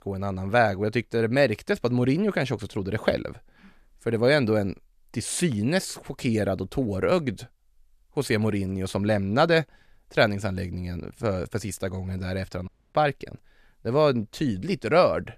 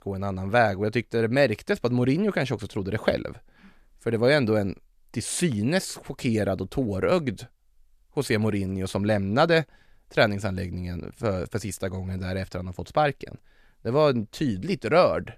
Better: second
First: audio cutting out; at 13 s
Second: none

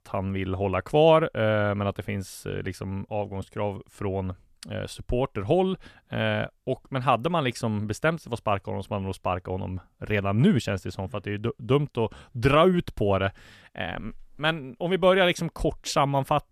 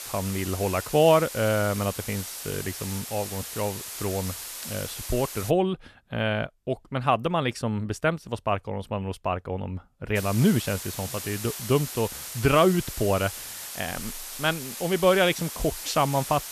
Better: first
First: none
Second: hiss; loud; until 5.5 s and from 10 s on; 8 dB below the speech

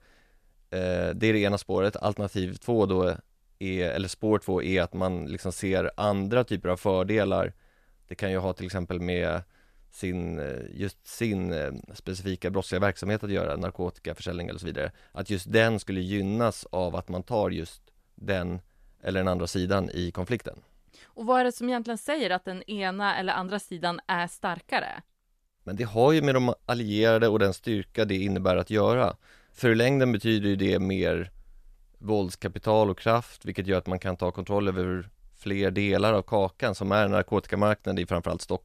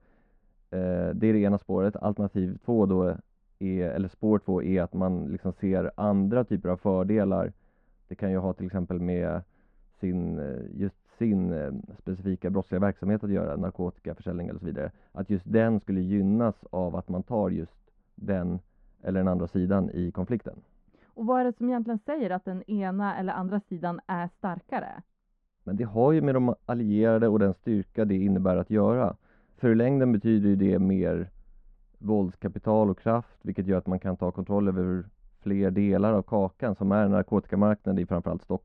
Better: first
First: none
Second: muffled; very; fading above 1 kHz

